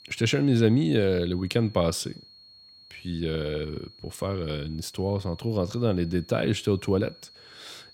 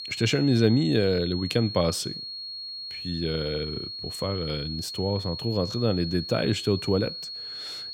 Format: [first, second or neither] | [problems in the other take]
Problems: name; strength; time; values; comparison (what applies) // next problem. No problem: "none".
first | high-pitched whine; loud; throughout; 4.5 kHz, 7 dB below the speech; faint in the first